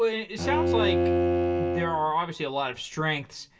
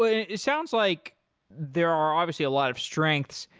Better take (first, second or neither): second